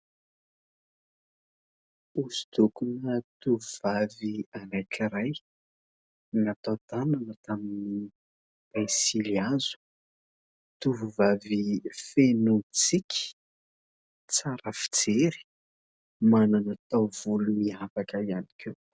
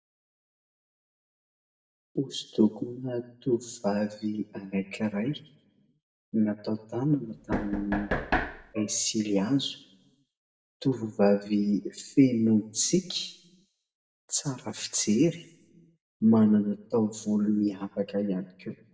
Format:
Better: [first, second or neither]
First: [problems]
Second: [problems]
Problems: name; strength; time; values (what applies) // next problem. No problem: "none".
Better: first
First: none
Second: background sound (Knock); 3 dB below the speech // room echo; dies away in 0.6 s